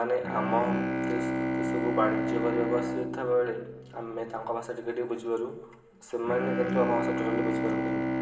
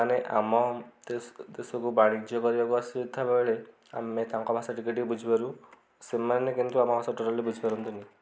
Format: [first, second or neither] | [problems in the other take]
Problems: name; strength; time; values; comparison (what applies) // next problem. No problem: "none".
second | background sound (Bowed string instrument); as loud as the speech // room echo; dies away in 1.2 s